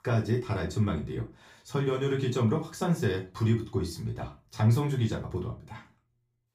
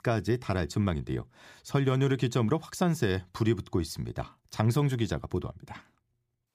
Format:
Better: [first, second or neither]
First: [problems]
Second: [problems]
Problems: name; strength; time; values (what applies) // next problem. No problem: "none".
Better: second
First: off-mic speech; far // room echo; very slight; dies away in 0.2 s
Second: none